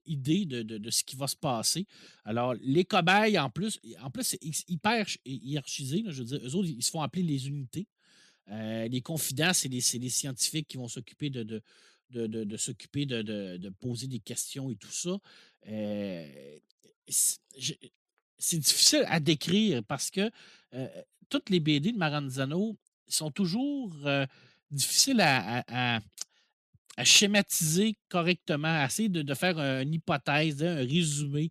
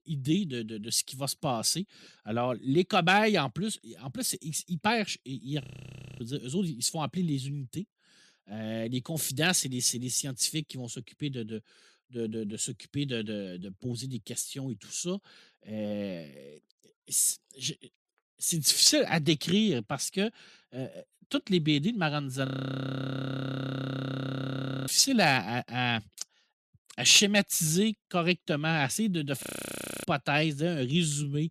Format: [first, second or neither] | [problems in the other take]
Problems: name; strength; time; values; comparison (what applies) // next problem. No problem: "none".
first | audio freezing; at 5.5 s for 0.5 s, at 22 s for 2.5 s and at 29 s for 0.5 s